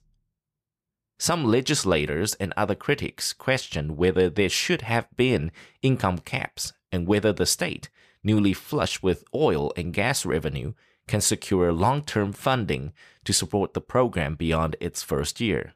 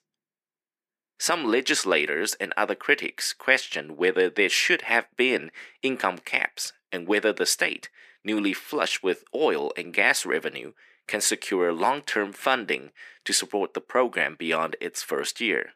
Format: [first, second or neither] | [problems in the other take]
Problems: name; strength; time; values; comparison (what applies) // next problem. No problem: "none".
first | thin; somewhat; fading below 250 Hz